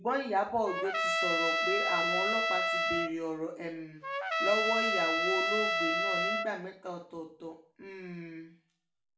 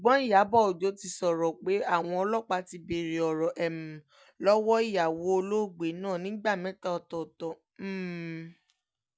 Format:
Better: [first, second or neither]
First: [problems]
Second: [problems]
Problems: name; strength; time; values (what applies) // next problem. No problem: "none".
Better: second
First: background sound (Trumpet); 5 dB above the speech // room echo; dies away in 0.4 s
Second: none